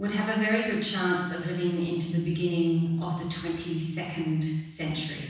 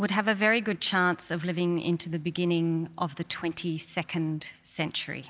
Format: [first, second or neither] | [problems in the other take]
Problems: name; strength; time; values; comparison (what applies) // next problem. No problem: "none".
second | room echo; dies away in 1.1 s